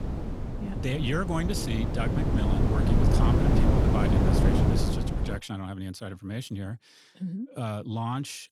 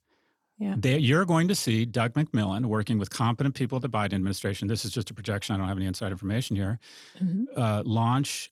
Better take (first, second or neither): second